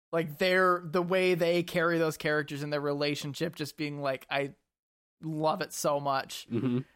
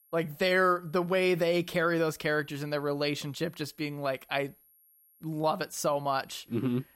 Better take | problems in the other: first | high-pitched whine; faint; throughout; 11.5 kHz, 30 dB below the speech

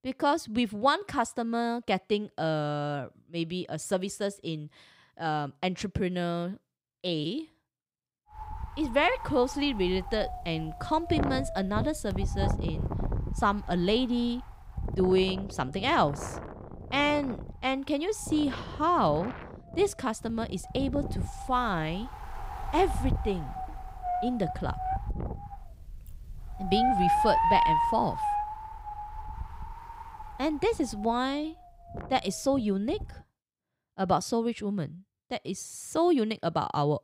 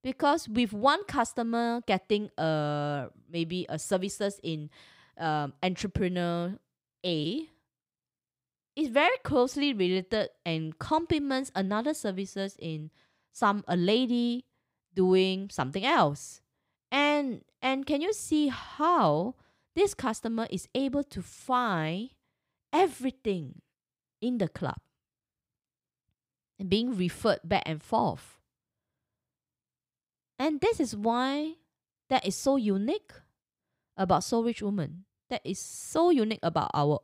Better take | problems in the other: second | wind noise on the microphone; heavy; from 8.5 to 33 s; 2 dB below the speech

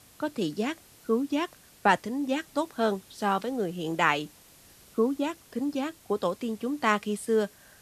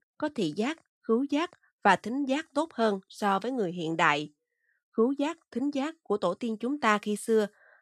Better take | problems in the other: second | hiss; faint; throughout; 25 dB below the speech

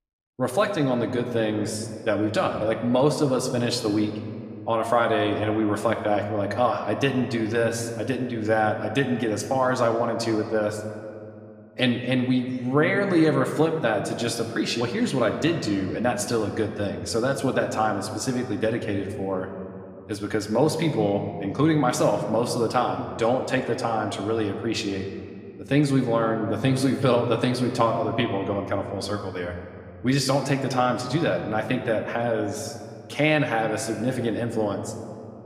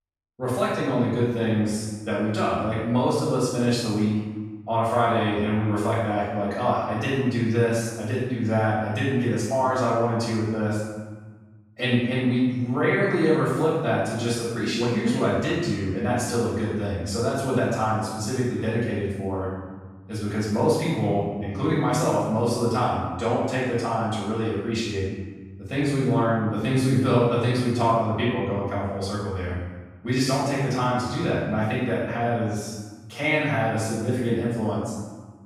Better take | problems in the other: first | room echo; strong; dies away in 1.2 s; slight in the first // off-mic speech; far

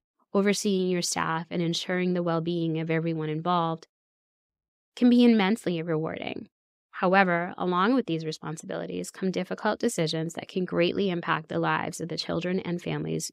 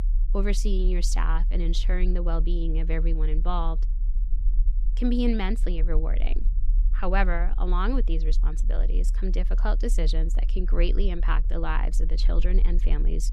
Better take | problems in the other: first | low rumble; noticeable; throughout; 20 dB below the speech

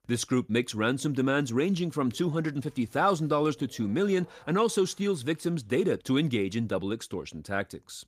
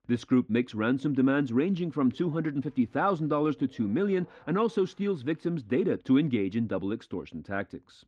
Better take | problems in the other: first | muffled; slightly; fading above 2.5 kHz

